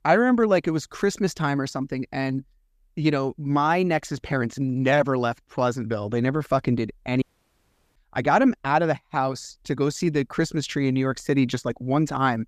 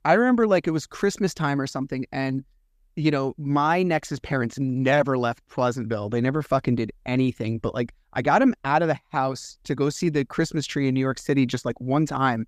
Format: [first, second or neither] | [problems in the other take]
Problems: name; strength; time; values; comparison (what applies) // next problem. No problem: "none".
second | audio cutting out; at 7 s for 0.5 s